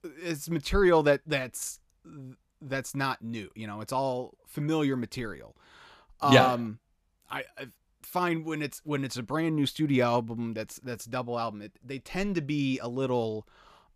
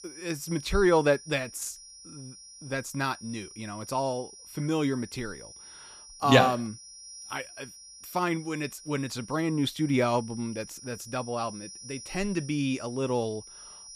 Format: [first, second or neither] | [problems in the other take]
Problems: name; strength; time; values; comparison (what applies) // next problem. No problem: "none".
first | high-pitched whine; noticeable; throughout; 5.5 kHz, 15 dB below the speech